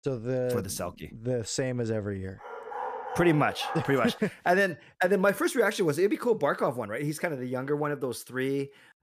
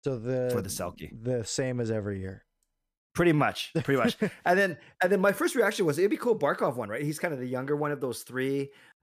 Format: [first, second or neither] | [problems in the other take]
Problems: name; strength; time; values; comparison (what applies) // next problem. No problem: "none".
second | dog barking; noticeable; from 2.5 to 4 s; peak 7 dB below the speech